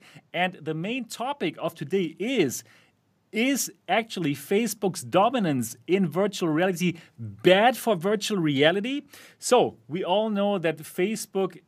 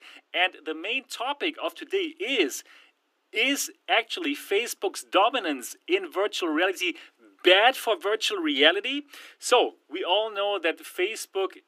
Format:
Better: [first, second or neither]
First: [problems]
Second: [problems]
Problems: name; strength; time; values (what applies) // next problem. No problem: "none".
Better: first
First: none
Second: thin; somewhat; fading below 300 Hz